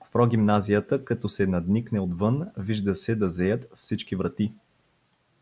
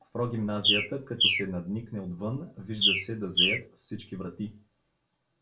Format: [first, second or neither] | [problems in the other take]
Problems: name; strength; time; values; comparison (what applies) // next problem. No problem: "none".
first | background sound (Bird); 4 dB above the speech // room echo; dies away in 0.2 s